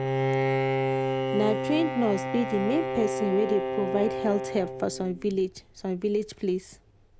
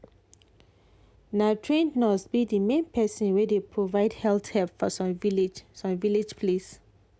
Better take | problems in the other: second | background sound (Bowed string instrument); 2 dB below the speech

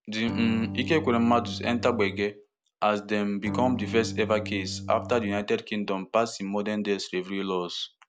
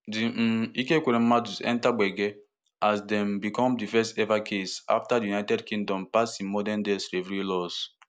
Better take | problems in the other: second | background sound (Electric guitar / Strum); 8 dB below the speech

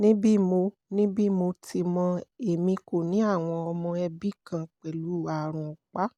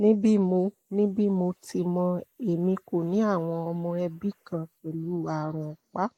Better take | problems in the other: first | noise reduction (neural mask model Resemble Enhance denoiser)

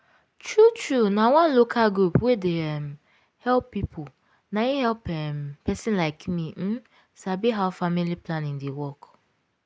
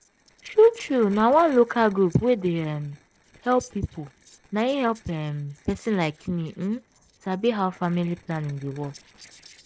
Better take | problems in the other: first | noise reduction (neural separator model SepFormer DNS4)

